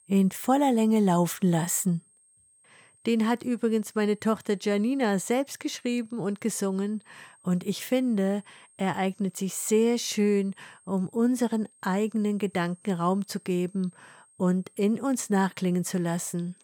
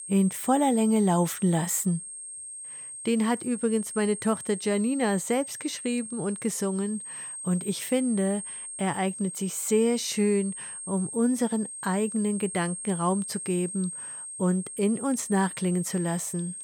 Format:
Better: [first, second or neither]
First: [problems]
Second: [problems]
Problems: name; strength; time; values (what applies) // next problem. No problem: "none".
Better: first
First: high-pitched whine; faint; throughout; 8.5 kHz, 30 dB below the speech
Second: high-pitched whine; loud; throughout; 8.5 kHz, 8 dB below the speech